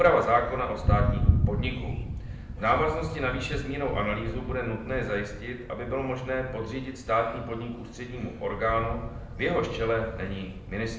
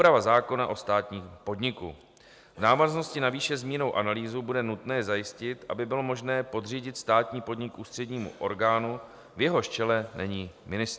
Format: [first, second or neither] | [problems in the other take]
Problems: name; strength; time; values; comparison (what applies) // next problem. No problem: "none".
second | background sound (Thunder); 3 dB below the speech // room echo; dies away in 0.7 s